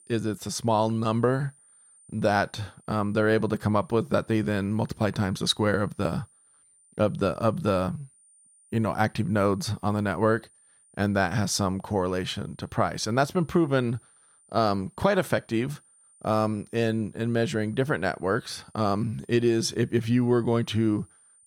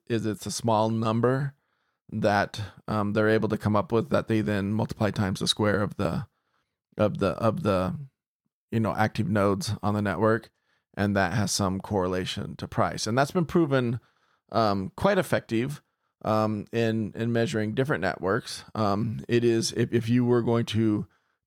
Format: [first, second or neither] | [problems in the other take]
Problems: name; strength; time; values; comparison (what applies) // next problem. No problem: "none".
second | high-pitched whine; faint; throughout; 9 kHz, 30 dB below the speech